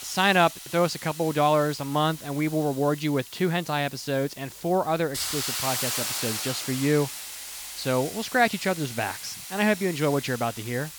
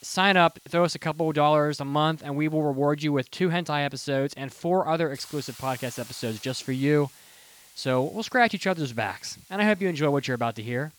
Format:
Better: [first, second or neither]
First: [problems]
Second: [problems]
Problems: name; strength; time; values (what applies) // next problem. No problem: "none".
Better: second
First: hiss; loud; throughout; 7 dB below the speech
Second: hiss; faint; throughout; 25 dB below the speech